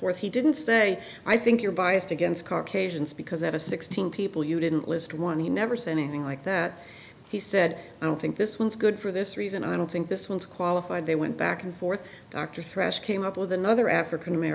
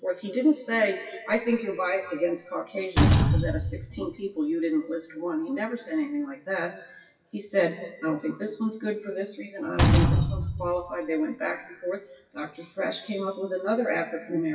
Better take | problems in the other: first | noise reduction (classical method WPE with log-MMSE)

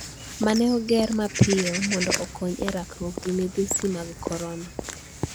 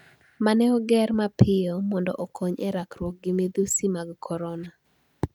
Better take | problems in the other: second | background sound (Walk, footsteps / Bird vocalization, bird call, bird song); 7 dB below the speech

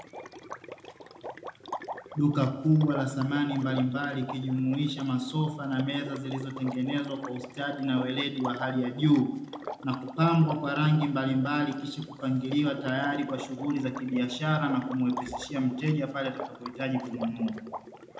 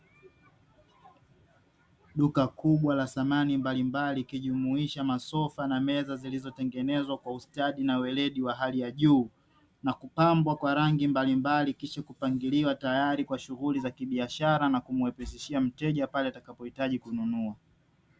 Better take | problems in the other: second | background sound (Water / Liquid); 13 dB below the speech // room echo; dies away in 0.8 s

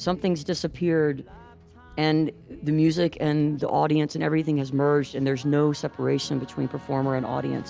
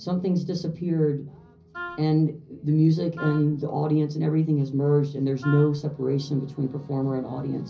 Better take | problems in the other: first | background sound (Wind instrument, woodwind instrument); 15 dB below the speech // room echo; dies away in 0.5 s

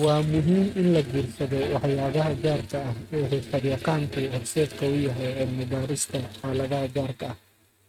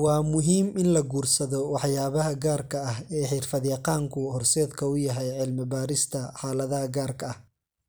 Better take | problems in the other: second | noise reduction (neural mask model RNNoise)

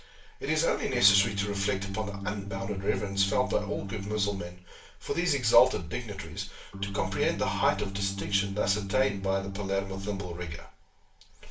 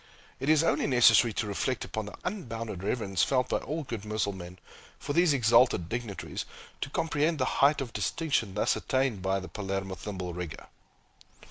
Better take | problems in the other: second | background sound (Organ); 6 dB below the speech // room echo; dies away in 0.3 s

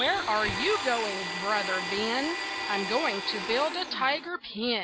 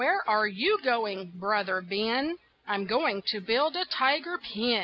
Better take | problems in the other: second | background sound (Domestic sounds, home sounds); 4 dB below the speech

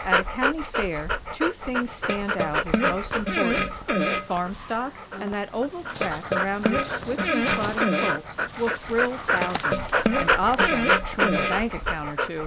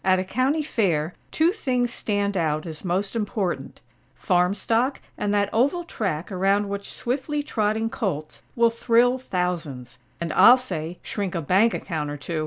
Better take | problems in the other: second | background sound (Dog + Fart); 4 dB above the speech

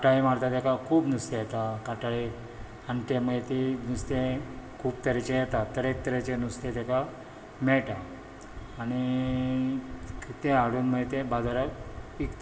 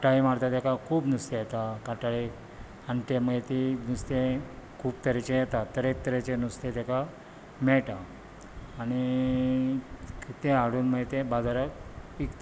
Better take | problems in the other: second | room echo; dies away in 1.3 s

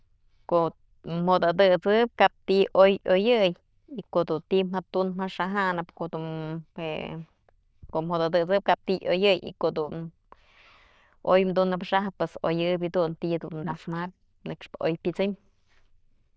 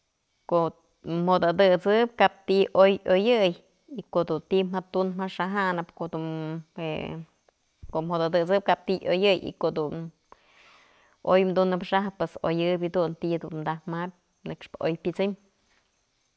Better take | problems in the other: second | noise reduction (neural diffusion model UNIVERSE++)

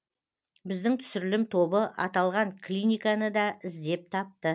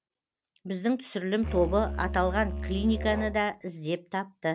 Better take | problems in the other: first | background sound (Musical instrument); 4 dB below the speech

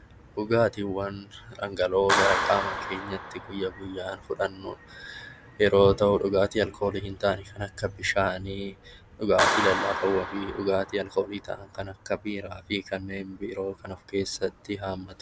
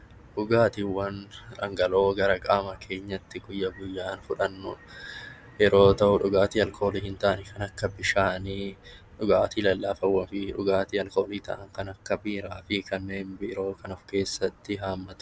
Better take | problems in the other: second | background sound (Clapping); 7 dB below the speech

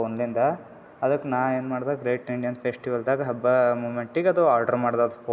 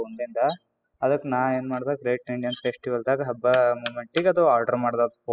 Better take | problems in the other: first | noise reduction (classical method spectral subtraction)

